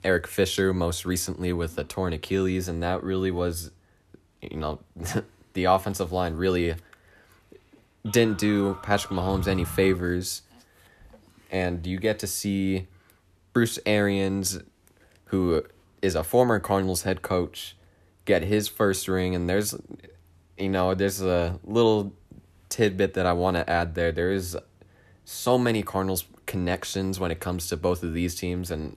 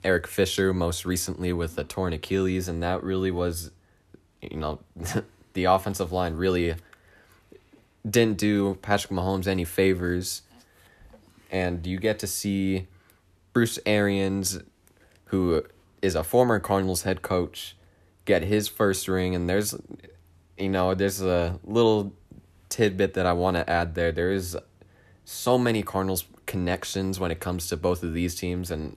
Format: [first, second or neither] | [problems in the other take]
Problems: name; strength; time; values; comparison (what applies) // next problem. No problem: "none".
second | phone ringing; noticeable; from 8 to 10 s; peak 7 dB below the speech